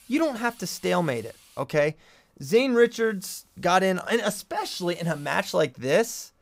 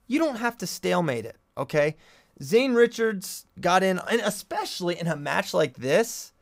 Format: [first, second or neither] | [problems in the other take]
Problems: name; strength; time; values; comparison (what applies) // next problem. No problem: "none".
second | hiss; faint; until 1.5 s, from 2.5 to 4 s and from 4.5 to 5.5 s; 25 dB below the speech